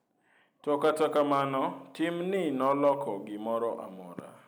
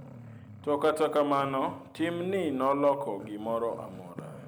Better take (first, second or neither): first